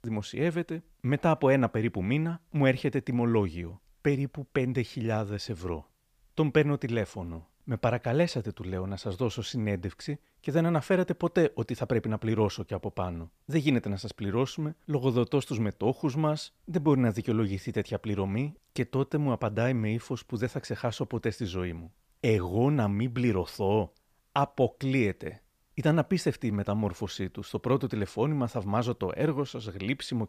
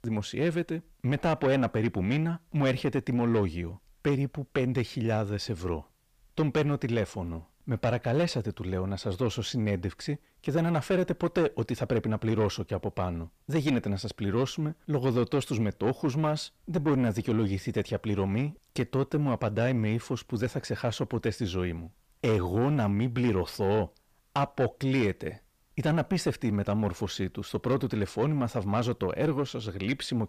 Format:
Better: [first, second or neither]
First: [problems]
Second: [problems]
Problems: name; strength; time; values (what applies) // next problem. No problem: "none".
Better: first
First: none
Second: distortion; slight; 10 dB below the speech